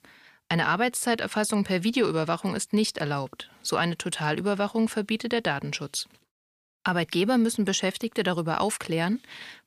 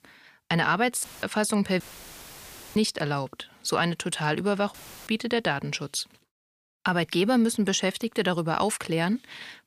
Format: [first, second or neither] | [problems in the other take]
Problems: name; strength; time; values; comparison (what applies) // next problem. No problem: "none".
first | audio cutting out; filled with static; at 1 s, at 2 s for 1 s and at 4.5 s